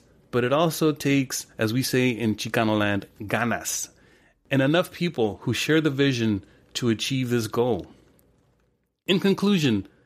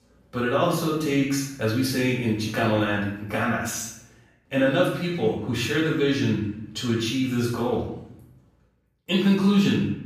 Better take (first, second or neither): first